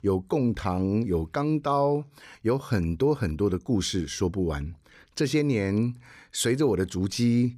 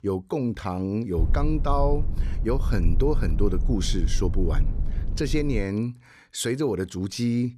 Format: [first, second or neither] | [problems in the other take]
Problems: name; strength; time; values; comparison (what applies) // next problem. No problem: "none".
first | low rumble; noticeable; from 1 to 5.5 s; 15 dB below the speech